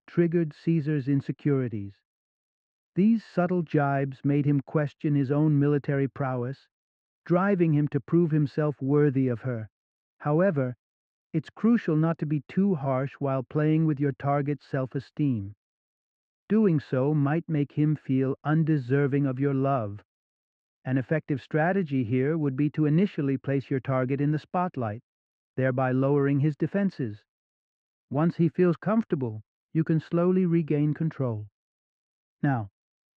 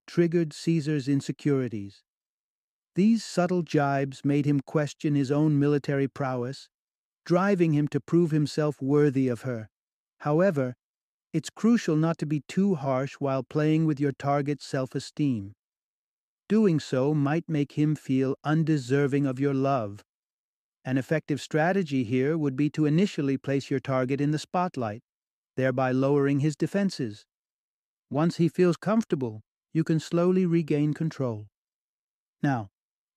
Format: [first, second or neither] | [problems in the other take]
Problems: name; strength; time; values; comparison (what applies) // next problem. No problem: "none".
second | muffled; very; fading above 2 kHz